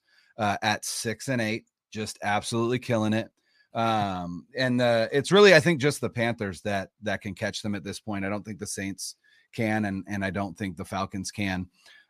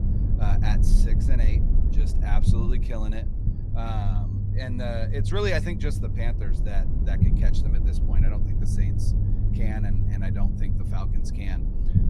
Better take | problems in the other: first | low rumble; loud; throughout; 4 dB below the speech

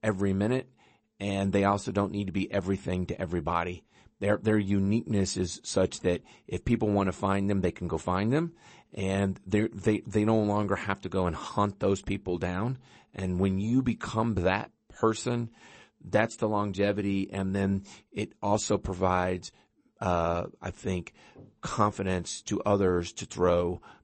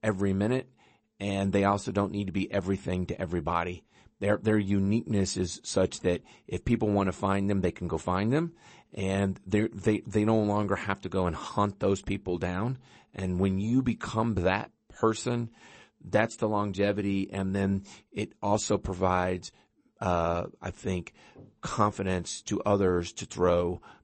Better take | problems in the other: neither | garbled, watery; slightly; nothing above 8 kHz; the same in both

